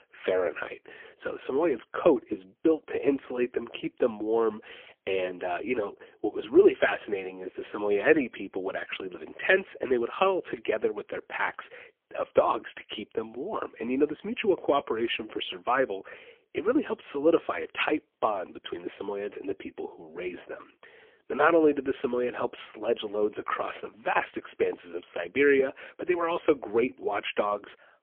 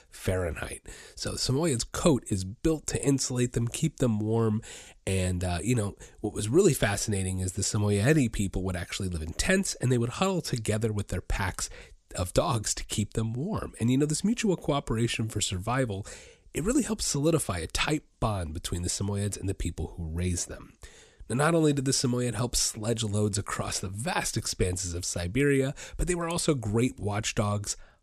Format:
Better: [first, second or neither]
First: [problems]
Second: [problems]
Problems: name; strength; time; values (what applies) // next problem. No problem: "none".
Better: second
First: phone-call audio; poor line; nothing above 3.5 kHz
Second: none